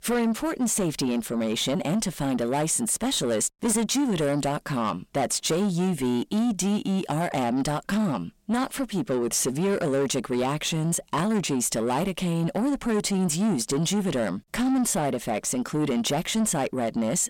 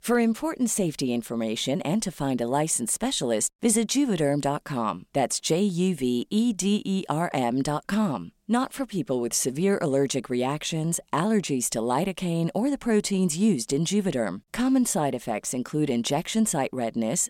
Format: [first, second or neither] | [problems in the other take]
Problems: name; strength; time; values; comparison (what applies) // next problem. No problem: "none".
second | distortion; slight; 10 dB below the speech